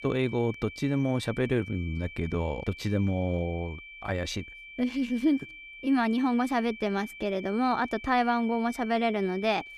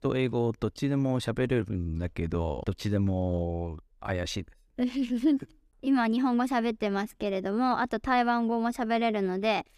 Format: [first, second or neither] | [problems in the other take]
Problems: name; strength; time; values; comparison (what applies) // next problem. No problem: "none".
second | high-pitched whine; noticeable; throughout; 2.5 kHz, 15 dB below the speech